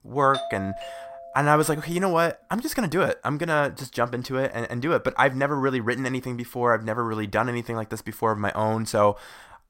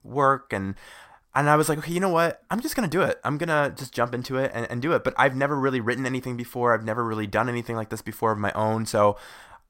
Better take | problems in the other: second | doorbell; noticeable; until 2 s; peak 8 dB below the speech

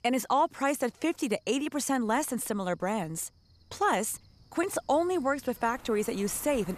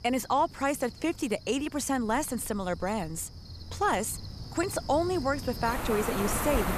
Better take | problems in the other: first | animal sounds; loud; throughout; 9 dB below the speech; faint in the first

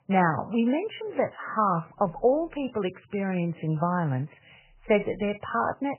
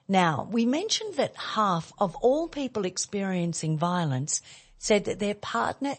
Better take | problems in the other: second | garbled, watery; badly; nothing above 3 kHz; slightly in the second

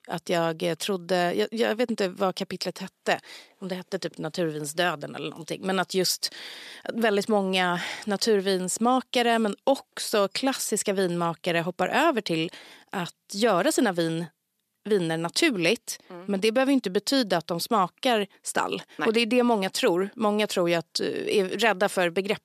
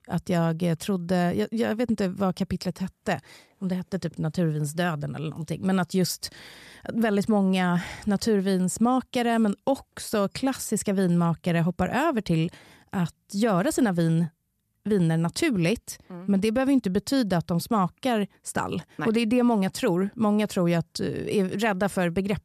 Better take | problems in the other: second | thin; somewhat; fading below 350 Hz

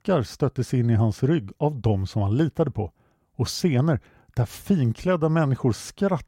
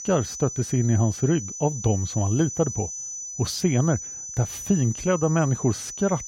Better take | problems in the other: first | high-pitched whine; loud; throughout; 6 kHz, 8 dB below the speech

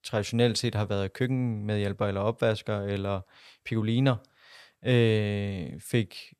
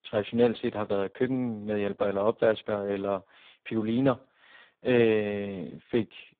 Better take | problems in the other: first | phone-call audio; poor line; nothing above 3.5 kHz

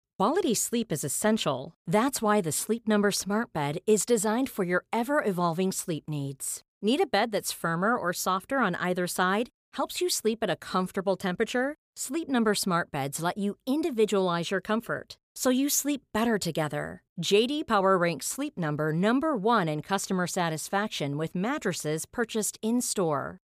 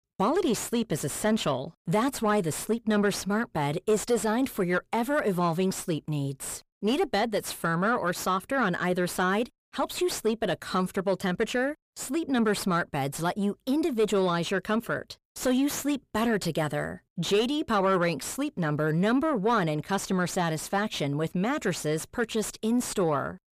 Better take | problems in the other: first | distortion; slight; 10 dB below the speech

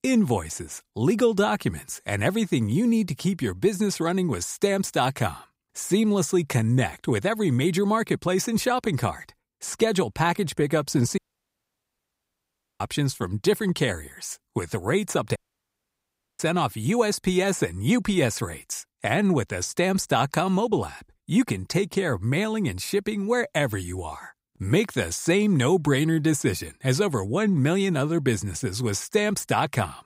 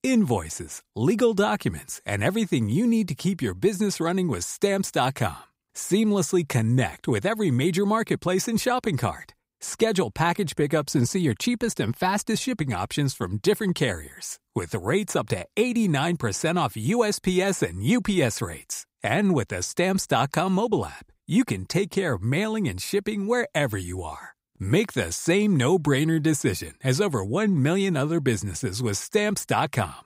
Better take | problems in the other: second | audio cutting out; at 11 s for 1.5 s and at 15 s for 1 s

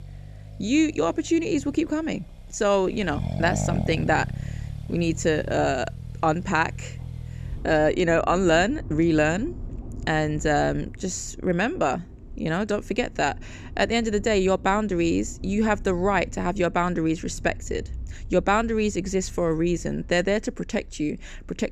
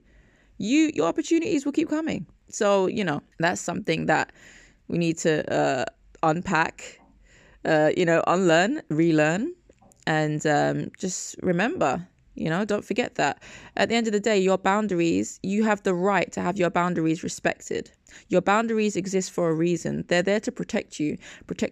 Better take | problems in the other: second | traffic noise; noticeable; throughout; 10 dB below the speech

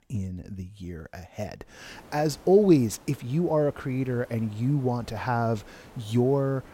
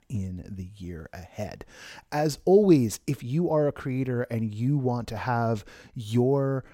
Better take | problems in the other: second | hiss; faint; from 2 s on; 25 dB below the speech

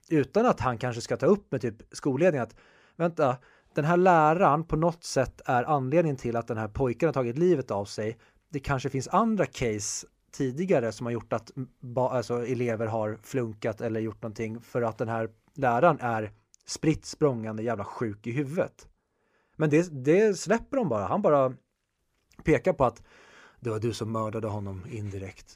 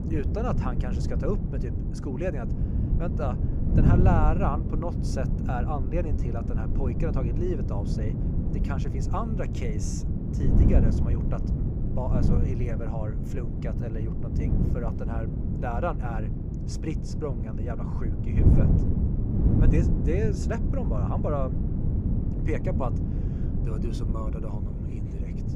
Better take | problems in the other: first | wind noise on the microphone; heavy; 3 dB below the speech

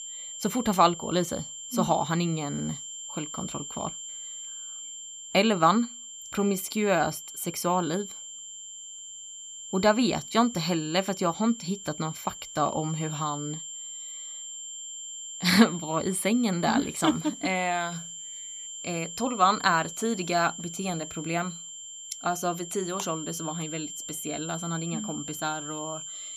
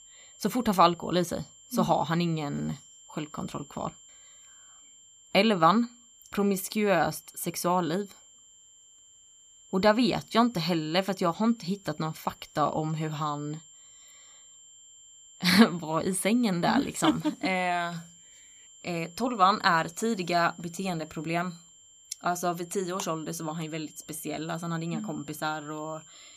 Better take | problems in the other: second | high-pitched whine; loud; throughout; 7.5 kHz, 10 dB below the speech; faint in the second

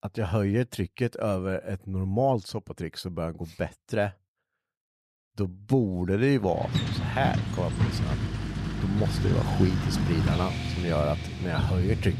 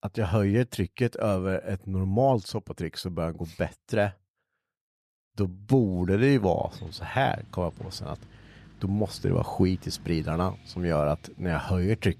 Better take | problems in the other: second | traffic noise; loud; from 6.5 s on; as loud as the speech; faint in the second

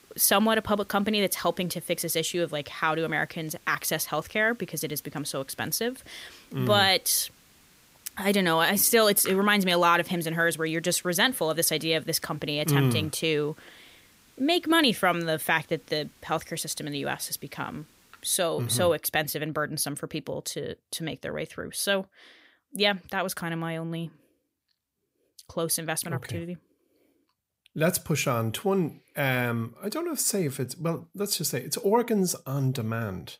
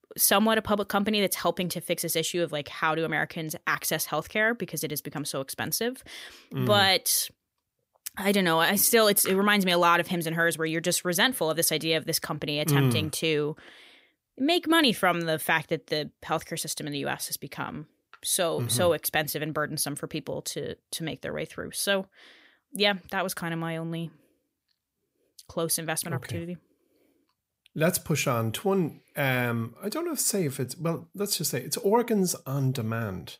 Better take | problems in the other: second | hiss; faint; until 18 s; 30 dB below the speech

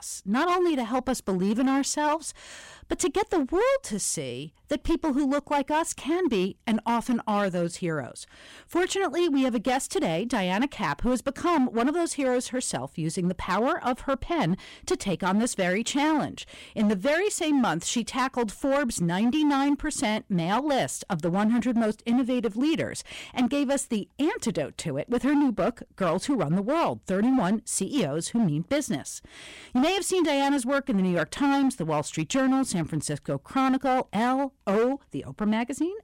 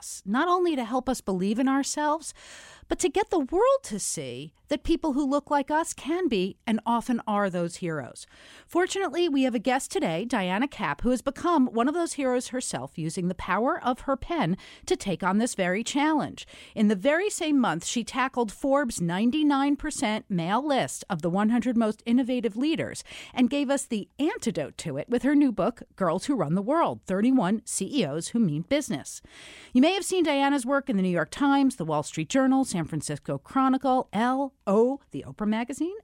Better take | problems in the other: second | distortion; slight; 11% of the sound clipped

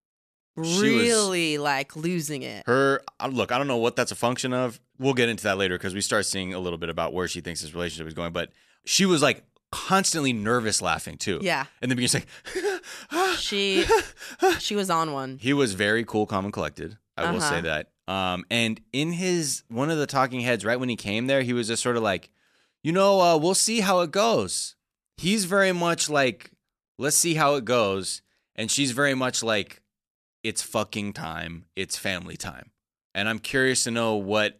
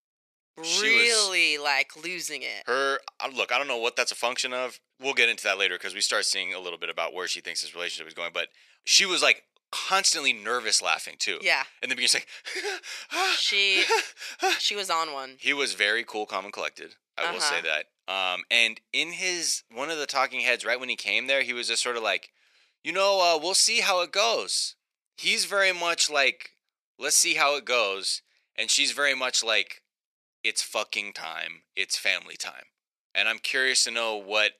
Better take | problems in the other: first | thin; very; fading below 550 Hz

